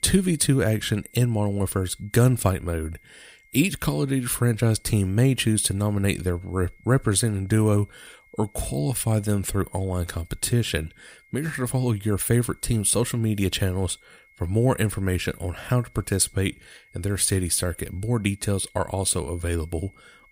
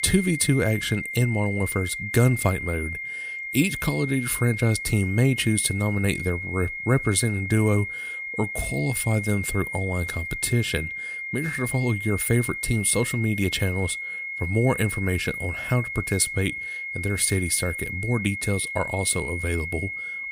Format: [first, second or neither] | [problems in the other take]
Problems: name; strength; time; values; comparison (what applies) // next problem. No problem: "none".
first | high-pitched whine; loud; throughout; 2 kHz, 6 dB below the speech; faint in the first